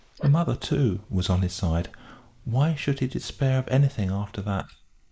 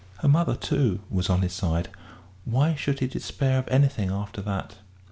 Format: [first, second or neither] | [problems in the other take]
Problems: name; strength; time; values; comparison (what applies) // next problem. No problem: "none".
second | noise reduction (neural mask model Resemble Enhance denoiser)